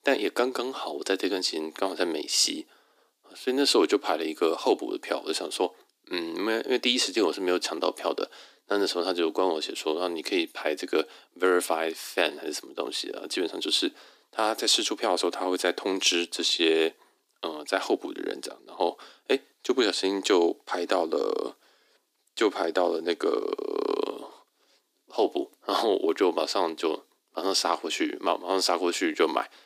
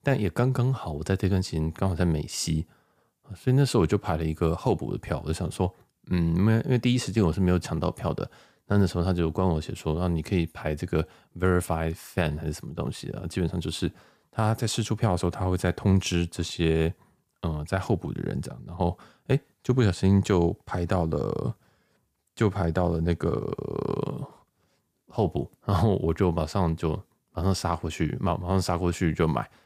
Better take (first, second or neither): second